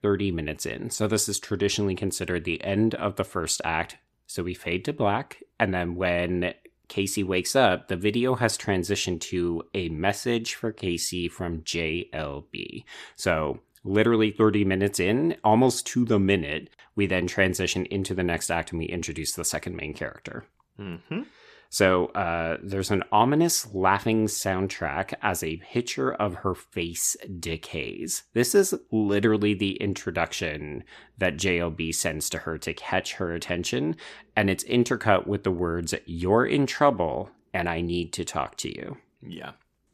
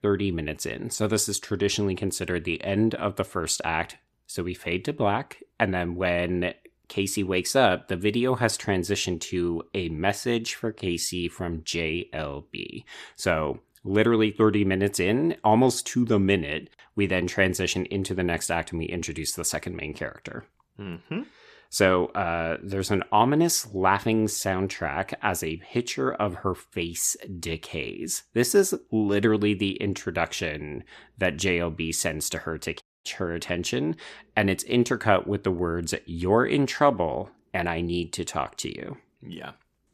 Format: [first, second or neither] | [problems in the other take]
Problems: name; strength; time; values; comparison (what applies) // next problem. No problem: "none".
first | audio cutting out; at 33 s